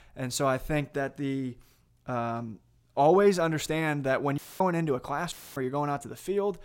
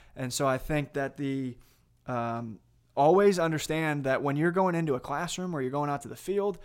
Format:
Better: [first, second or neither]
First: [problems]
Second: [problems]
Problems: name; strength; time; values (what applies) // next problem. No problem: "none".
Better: second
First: audio cutting out; filled with static; at 4.5 s and at 5.5 s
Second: none